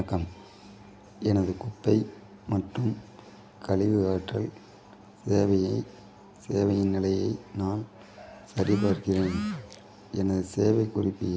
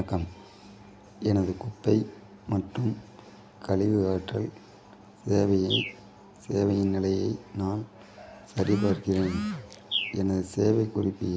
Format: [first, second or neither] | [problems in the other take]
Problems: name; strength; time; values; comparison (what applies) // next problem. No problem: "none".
first | background sound (Bird); 9 dB below the speech